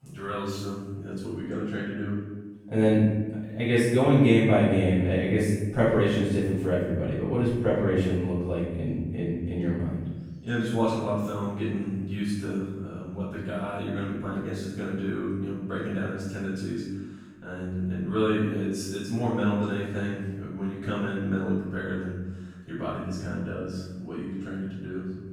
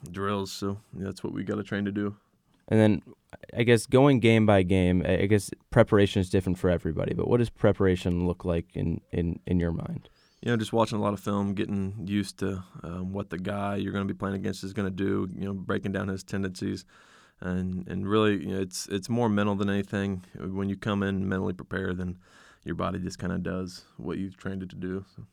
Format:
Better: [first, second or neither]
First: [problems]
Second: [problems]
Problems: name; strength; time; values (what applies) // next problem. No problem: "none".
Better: second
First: off-mic speech; far // room echo; strong; dies away in 1.1 s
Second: none